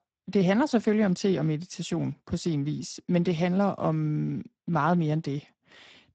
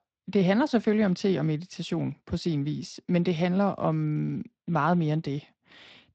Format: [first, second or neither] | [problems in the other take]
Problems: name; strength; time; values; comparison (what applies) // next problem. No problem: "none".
second | garbled, watery; badly; nothing above 8 kHz; slightly in the second